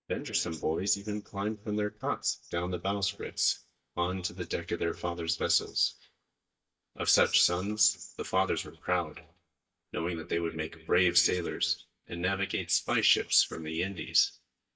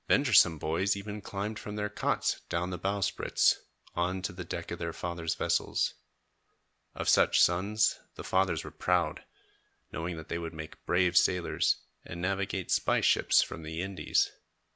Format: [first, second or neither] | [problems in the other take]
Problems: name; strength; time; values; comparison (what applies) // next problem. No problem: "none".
second | noise reduction (neural mask model DeepFilterNet 3)